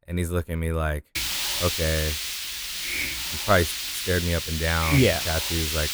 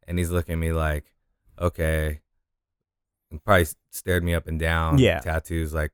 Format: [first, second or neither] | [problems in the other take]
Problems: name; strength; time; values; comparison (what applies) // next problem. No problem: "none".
second | hiss; loud; from 1 s on; 1 dB below the speech